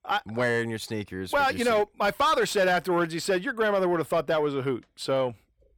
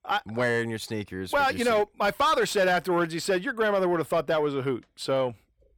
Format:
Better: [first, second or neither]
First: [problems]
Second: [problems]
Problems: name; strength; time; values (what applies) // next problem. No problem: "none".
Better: neither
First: distortion; slight; 10 dB below the speech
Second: distortion; slight; 10 dB below the speech